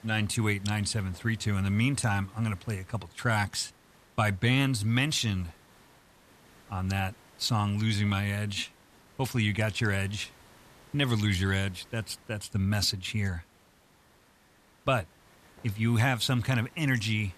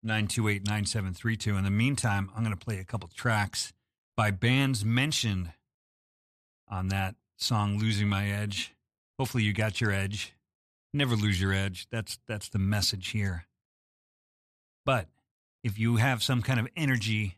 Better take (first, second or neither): second